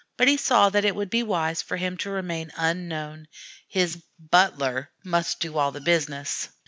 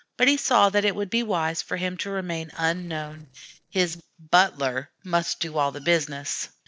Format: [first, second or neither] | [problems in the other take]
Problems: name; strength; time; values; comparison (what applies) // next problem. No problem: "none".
first | noise reduction (neural separator model SepFormer DNS4)